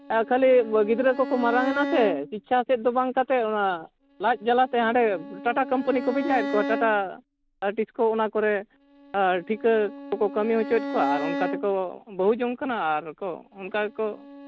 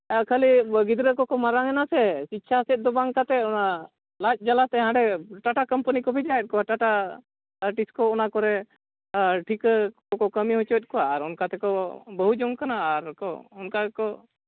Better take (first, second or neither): second